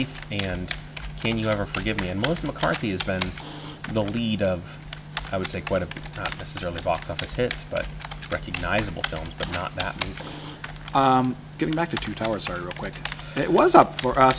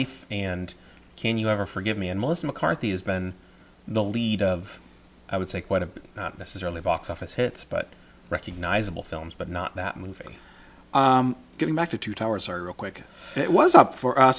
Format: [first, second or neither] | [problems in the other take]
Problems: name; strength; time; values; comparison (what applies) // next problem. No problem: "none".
second | background sound (Typing); 9 dB below the speech